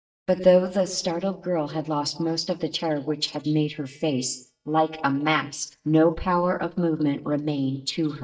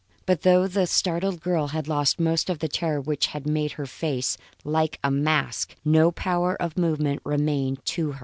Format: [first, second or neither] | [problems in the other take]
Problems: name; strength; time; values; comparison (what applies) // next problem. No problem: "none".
second | noise reduction (neural mask model DeepFilterNet 3)